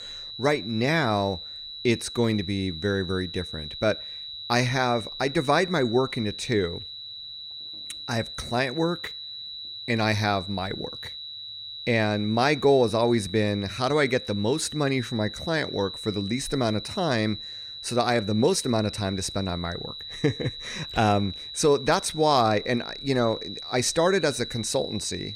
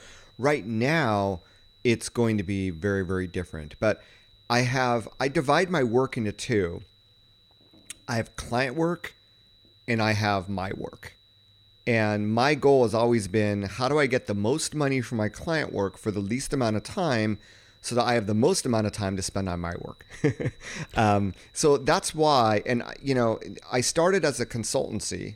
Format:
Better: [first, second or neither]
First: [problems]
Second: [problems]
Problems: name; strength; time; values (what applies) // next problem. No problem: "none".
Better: second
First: high-pitched whine; loud; throughout; 4 kHz, 10 dB below the speech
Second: high-pitched whine; faint; throughout; 4 kHz, 30 dB below the speech